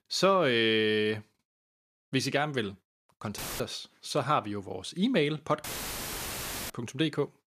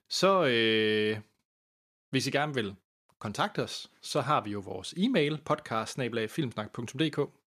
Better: second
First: audio cutting out; filled with static; at 3.5 s and at 5.5 s for 1 s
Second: none

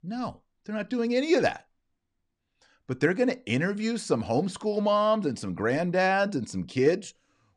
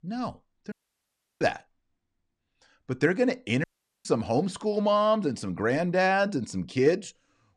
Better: first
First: none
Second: audio cutting out; at 0.5 s for 0.5 s and at 3.5 s

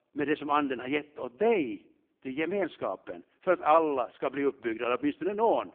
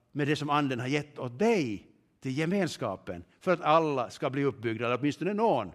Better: second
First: phone-call audio; poor line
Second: none

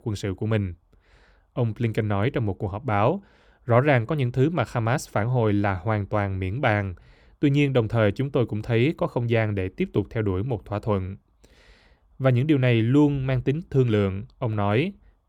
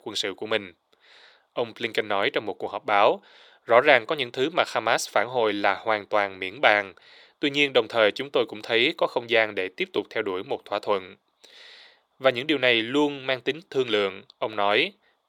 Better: first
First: none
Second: thin; very; fading below 550 Hz

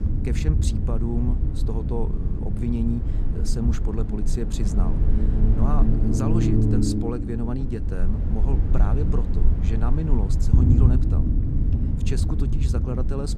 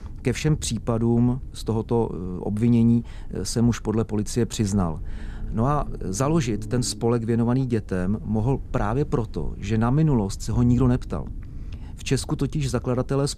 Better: second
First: low rumble; loud; throughout; as loud as the speech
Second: low rumble; faint; throughout; 20 dB below the speech

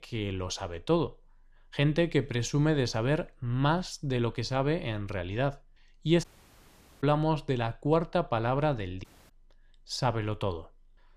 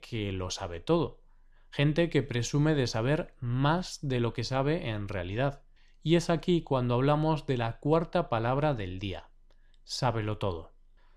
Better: second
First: audio cutting out; at 6 s for 1 s and at 9 s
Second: none

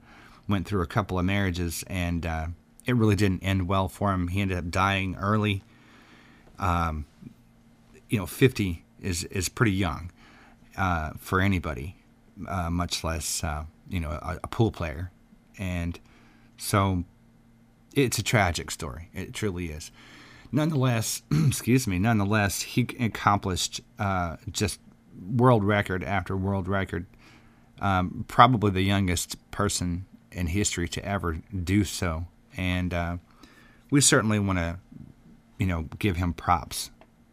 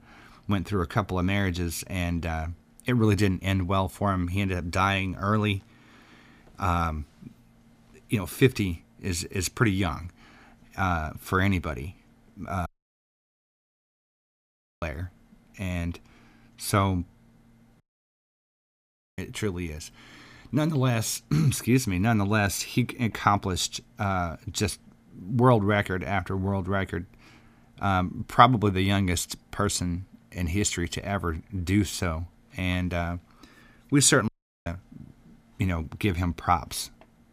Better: first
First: none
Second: audio cutting out; at 13 s for 2 s, at 18 s for 1.5 s and at 34 s

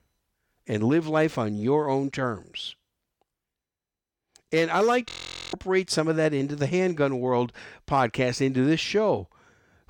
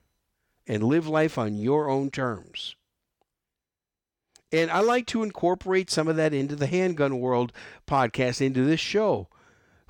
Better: second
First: audio freezing; at 5 s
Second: none

